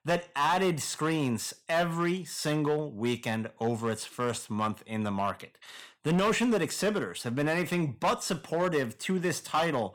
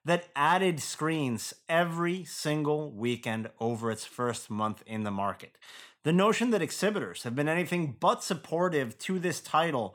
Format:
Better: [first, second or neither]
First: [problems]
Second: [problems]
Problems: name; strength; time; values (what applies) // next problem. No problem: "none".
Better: second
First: distortion; slight; 6% of the sound clipped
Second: none